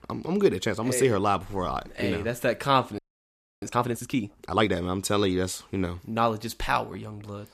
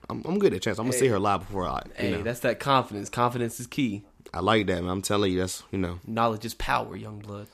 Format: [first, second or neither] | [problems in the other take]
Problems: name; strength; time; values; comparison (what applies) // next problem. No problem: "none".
second | audio freezing; at 3 s for 0.5 s